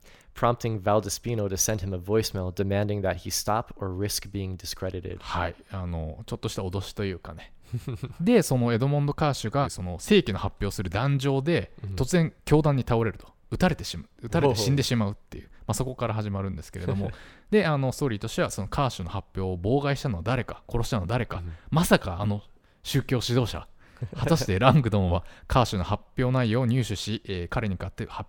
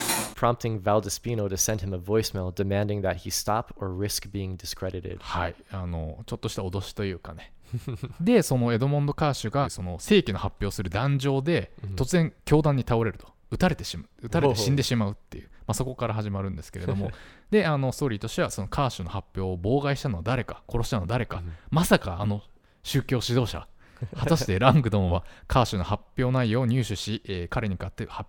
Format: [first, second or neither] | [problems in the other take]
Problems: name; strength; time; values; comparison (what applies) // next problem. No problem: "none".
first | clattering dishes; loud; at the start; peak level with the speech